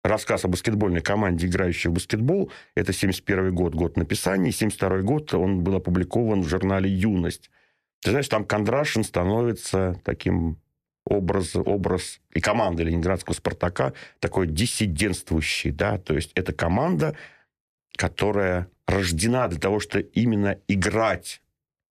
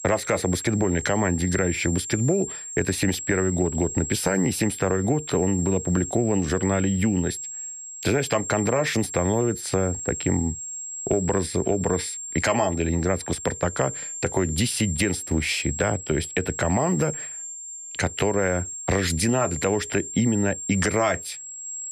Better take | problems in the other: first | high-pitched whine; loud; throughout; 7.5 kHz, 8 dB below the speech

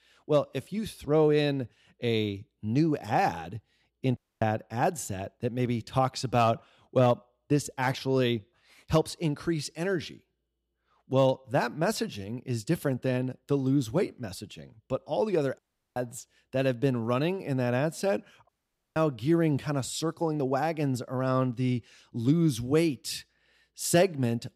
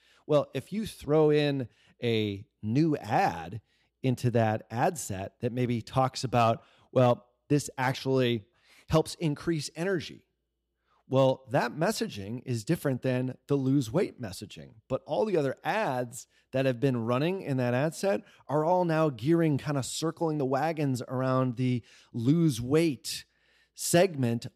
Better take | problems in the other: second | audio cutting out; at 4 s, at 16 s and at 18 s

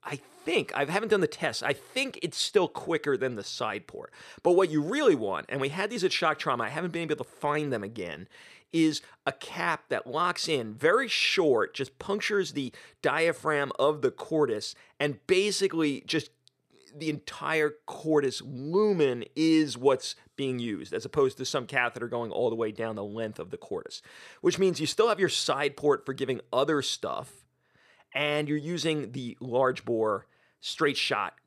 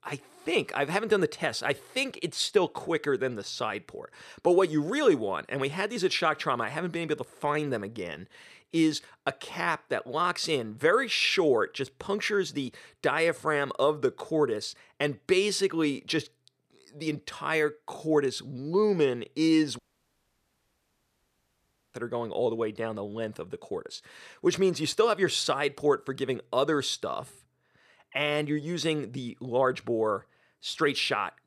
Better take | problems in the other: first | audio cutting out; at 20 s for 2 s

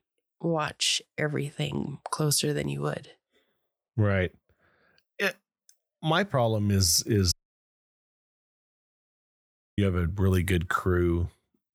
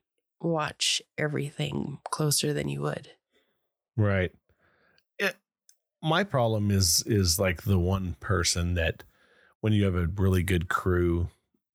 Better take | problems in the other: second | audio cutting out; at 7.5 s for 2.5 s

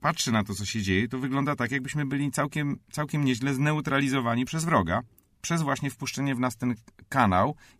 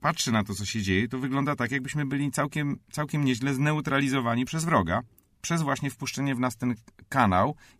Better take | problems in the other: neither | none

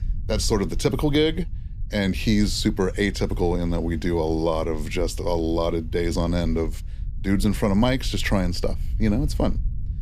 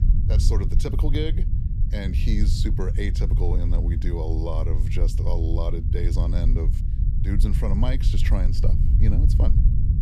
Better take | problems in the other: first | low rumble; loud; throughout; 5 dB below the speech; faint in the first

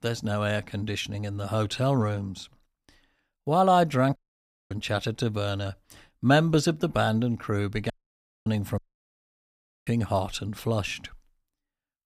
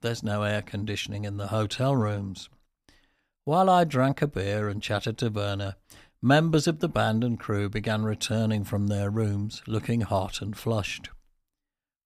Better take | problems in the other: second | audio cutting out; at 4 s for 0.5 s, at 8 s for 0.5 s and at 9 s for 1 s

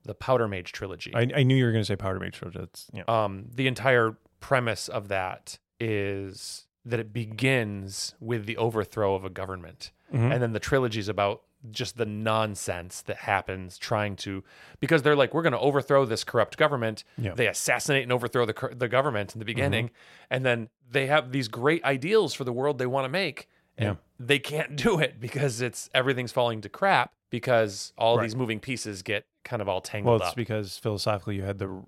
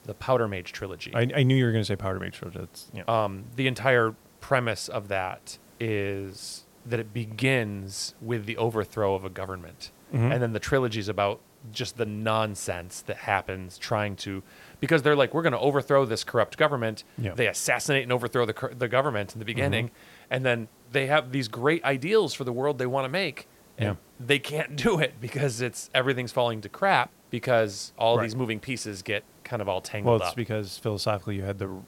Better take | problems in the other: first | hiss; faint; throughout; 30 dB below the speech

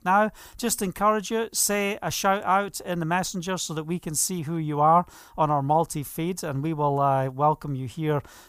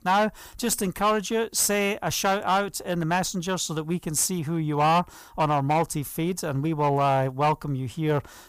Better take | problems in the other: first | distortion; slight; 7% of the sound clipped

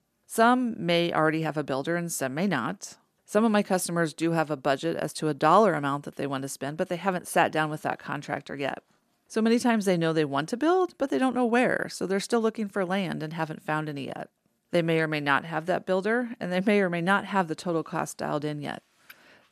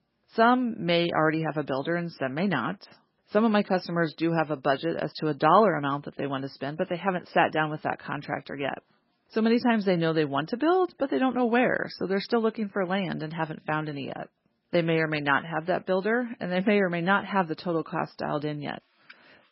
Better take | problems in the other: first | garbled, watery; badly; nothing above 5.5 kHz

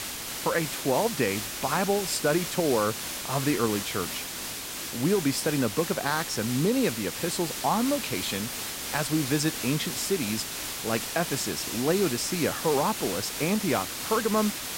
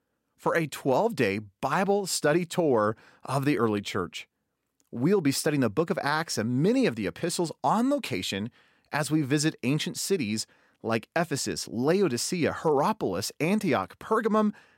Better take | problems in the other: second | hiss; loud; throughout; 4 dB below the speech

